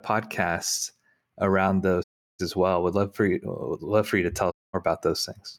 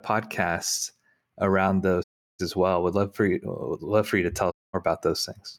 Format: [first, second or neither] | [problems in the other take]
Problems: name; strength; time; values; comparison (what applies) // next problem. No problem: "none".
neither | audio cutting out; at 2 s and at 4.5 s; the same in both